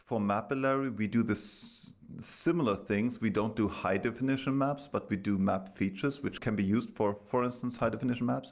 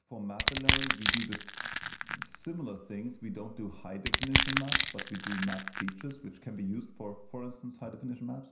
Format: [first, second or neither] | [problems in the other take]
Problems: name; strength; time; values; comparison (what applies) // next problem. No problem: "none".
first | background sound (Crushing); 5 dB above the speech // room echo; dies away in 0.5 s